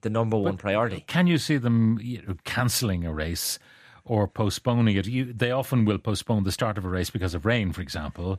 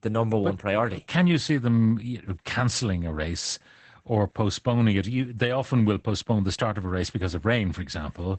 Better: first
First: none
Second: garbled, watery; badly; nothing above 8 kHz

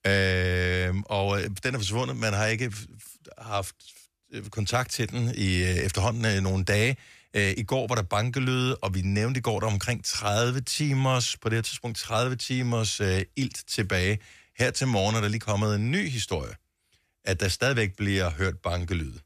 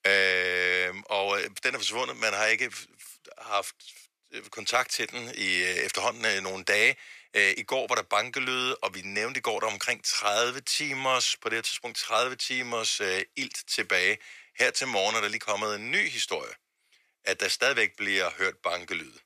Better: first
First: none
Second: thin; very; fading below 500 Hz

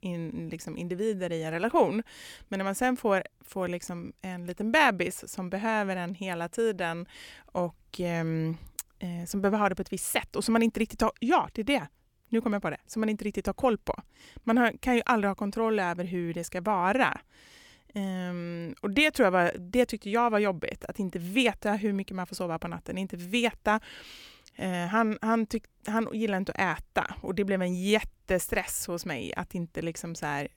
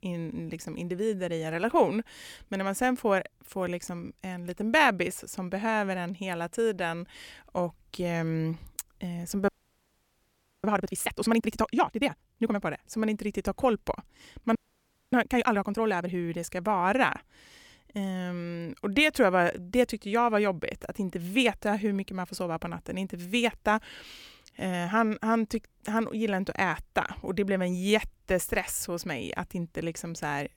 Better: first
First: none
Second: audio freezing; at 9.5 s for 1 s and at 15 s for 0.5 s

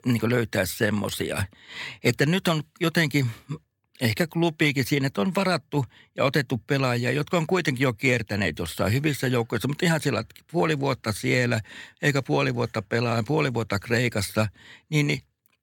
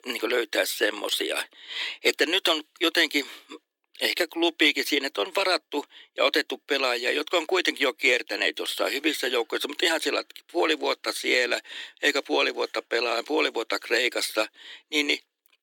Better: first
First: none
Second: thin; very; fading below 300 Hz

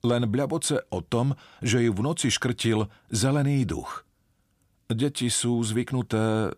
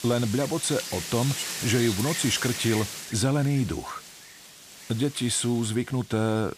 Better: first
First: none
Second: wind noise on the microphone; heavy; 4 dB below the speech

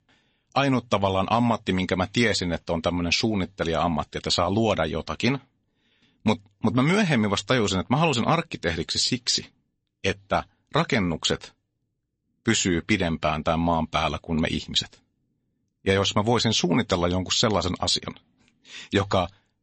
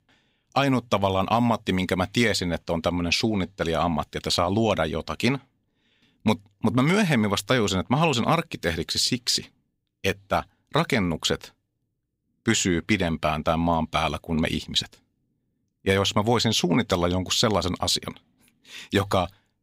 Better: second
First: garbled, watery; slightly; nothing above 8 kHz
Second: none

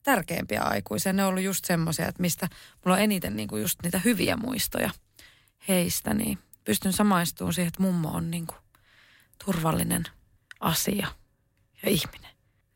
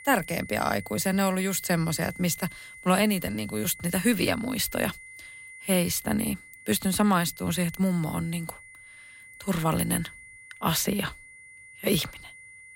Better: first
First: none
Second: high-pitched whine; noticeable; throughout; 2 kHz, 15 dB below the speech

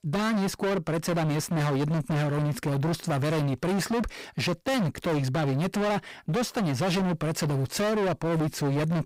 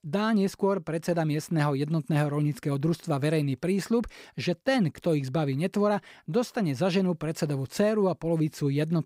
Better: second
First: distortion; heavy; 37% of the sound clipped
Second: none

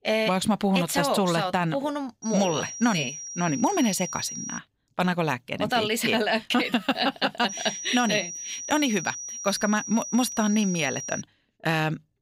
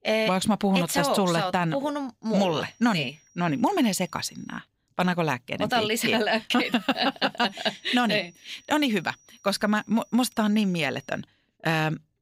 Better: second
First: high-pitched whine; loud; from 2 to 4.5 s and from 7.5 to 11 s; 5.5 kHz, 8 dB below the speech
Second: high-pitched whine; faint; from 2 to 4.5 s and from 7.5 to 11 s; 5.5 kHz, 30 dB below the speech

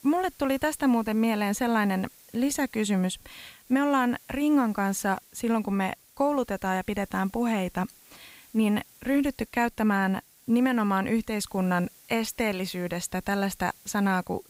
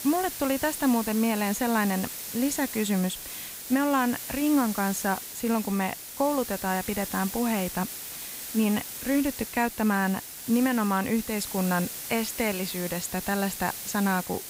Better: first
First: hiss; faint; throughout; 25 dB below the speech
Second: hiss; loud; throughout; 7 dB below the speech

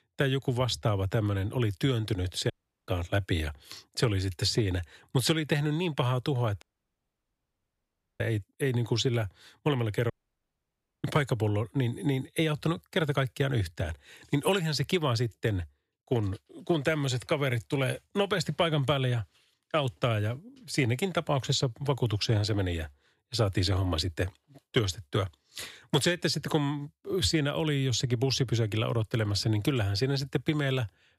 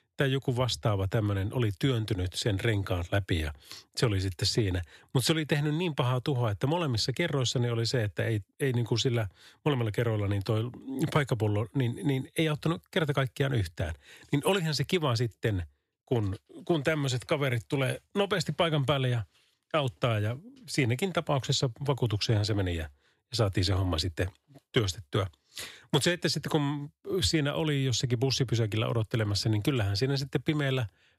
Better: second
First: audio cutting out; at 2.5 s, at 6.5 s for 1.5 s and at 10 s for 1 s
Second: none

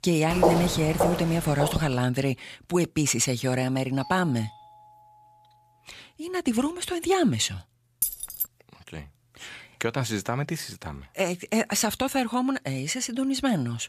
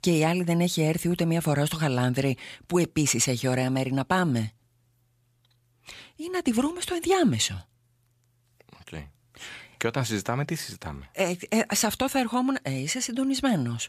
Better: second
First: footsteps; loud; until 2 s; peak 3 dB above the speech // doorbell; faint; from 4 to 5.5 s; peak 15 dB below the speech // jangling keys; noticeable; at 8 s; peak 1 dB below the speech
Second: none

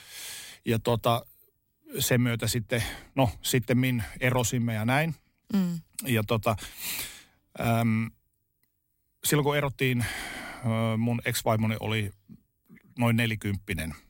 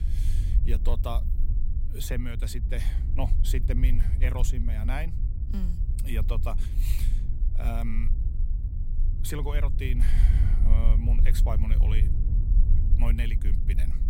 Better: first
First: none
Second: low rumble; loud; throughout; 7 dB below the speech

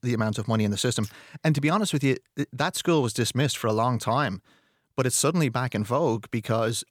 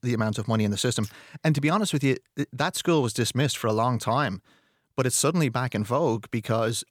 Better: neither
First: none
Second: none

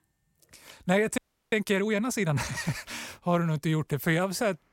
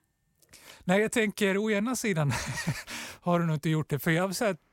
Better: second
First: audio freezing; at 1 s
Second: none

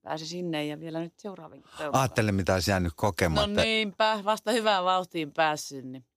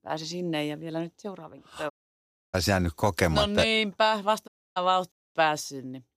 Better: first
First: none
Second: audio cutting out; at 2 s for 0.5 s, at 4.5 s and at 5 s

